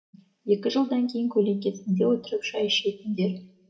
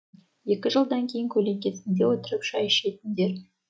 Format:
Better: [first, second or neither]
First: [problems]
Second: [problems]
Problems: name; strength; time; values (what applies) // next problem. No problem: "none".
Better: second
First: room echo; dies away in 0.7 s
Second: none